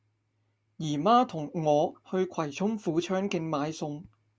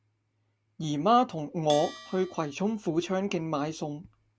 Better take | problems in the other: first | background sound (Bell); 18 dB below the speech

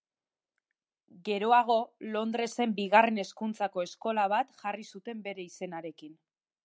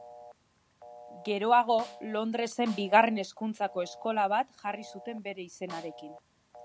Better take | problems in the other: first | background sound (Telephone + Snare drum); 19 dB below the speech

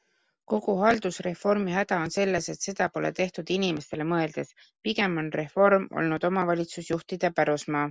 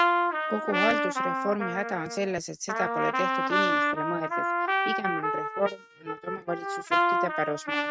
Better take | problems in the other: first | noise reduction (neural mask model RNNoise)

